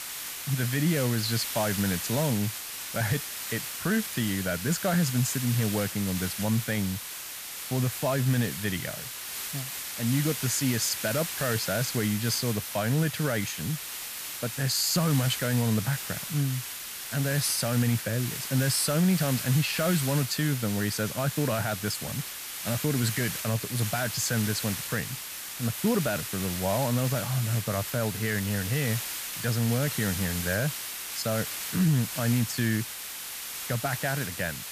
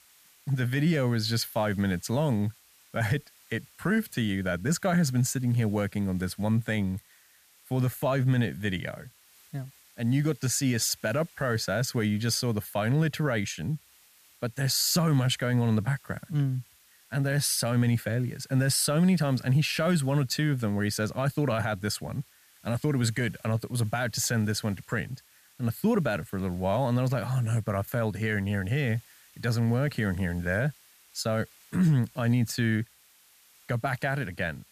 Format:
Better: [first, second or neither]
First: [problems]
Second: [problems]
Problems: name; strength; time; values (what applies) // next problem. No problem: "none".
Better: second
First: hiss; loud; throughout; 5 dB below the speech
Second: hiss; faint; throughout; 25 dB below the speech